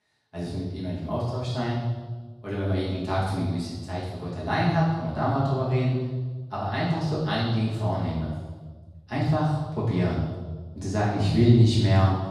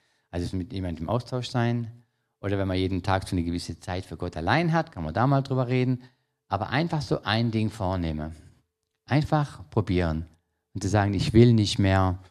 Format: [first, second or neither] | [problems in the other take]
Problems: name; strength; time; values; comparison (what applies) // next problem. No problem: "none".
second | room echo; strong; dies away in 1.2 s // off-mic speech; far